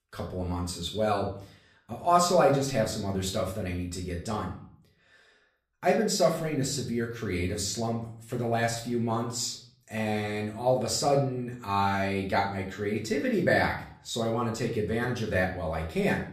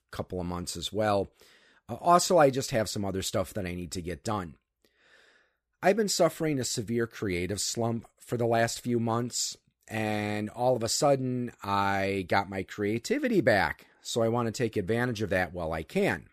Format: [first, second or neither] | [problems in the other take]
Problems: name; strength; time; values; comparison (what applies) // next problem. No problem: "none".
second | room echo; slight; dies away in 0.5 s // off-mic speech; far